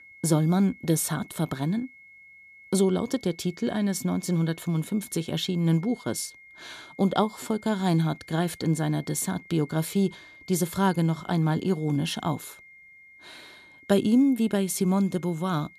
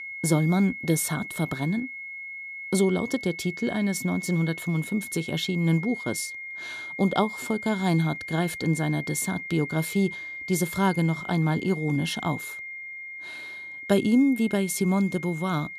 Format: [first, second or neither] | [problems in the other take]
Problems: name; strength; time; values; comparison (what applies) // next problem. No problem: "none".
first | high-pitched whine; loud; throughout; 2 kHz, 9 dB below the speech; faint in the first